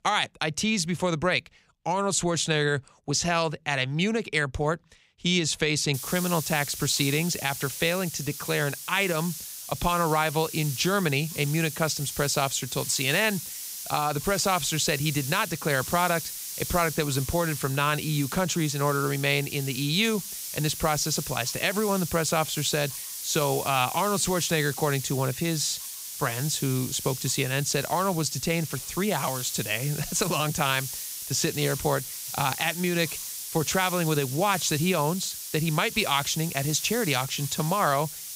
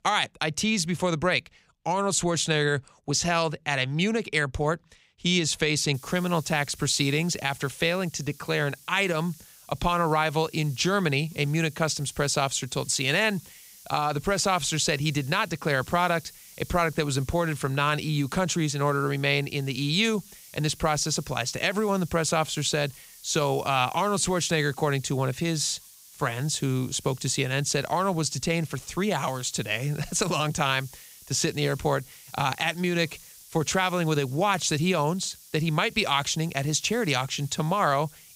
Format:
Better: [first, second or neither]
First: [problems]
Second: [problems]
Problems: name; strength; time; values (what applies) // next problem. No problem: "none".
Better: second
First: hiss; loud; from 6 s on; 7 dB below the speech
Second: hiss; faint; from 6 s on; 20 dB below the speech